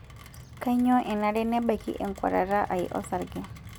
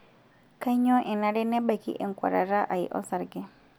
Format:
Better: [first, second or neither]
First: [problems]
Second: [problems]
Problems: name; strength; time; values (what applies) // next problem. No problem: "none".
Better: second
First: background sound (Rain); 17 dB below the speech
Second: none